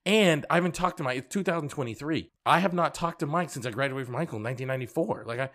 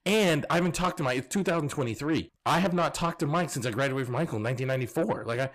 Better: first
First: none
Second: distortion; heavy; 8 dB below the speech

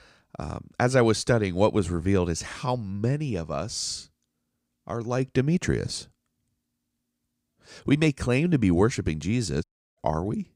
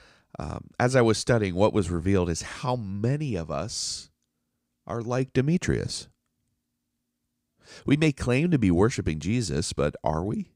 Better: second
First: audio cutting out; at 9.5 s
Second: none

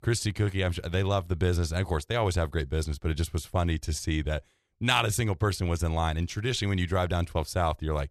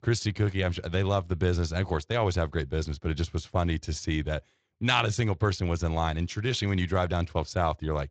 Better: first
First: none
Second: garbled, watery; slightly; nothing above 7.5 kHz

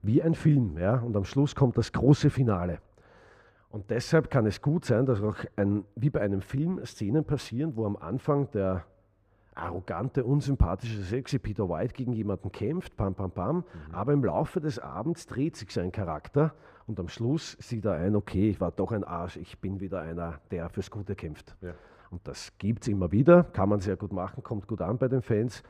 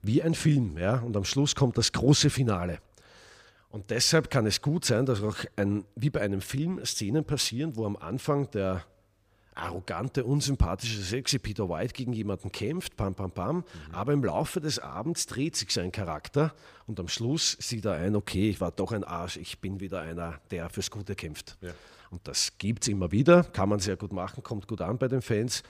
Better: second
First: muffled; very; fading above 2.5 kHz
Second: none

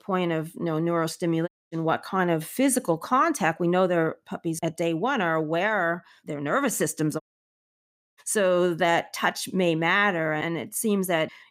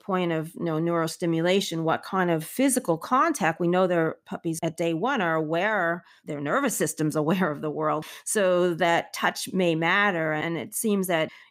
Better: second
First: audio cutting out; at 1.5 s and at 7 s for 1 s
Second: none

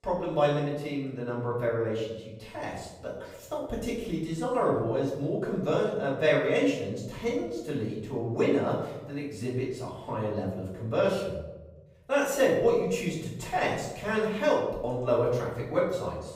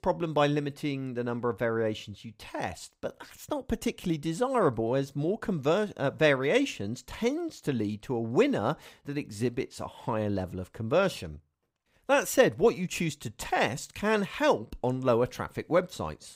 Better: second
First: off-mic speech; far // room echo; noticeable; dies away in 1 s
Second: none

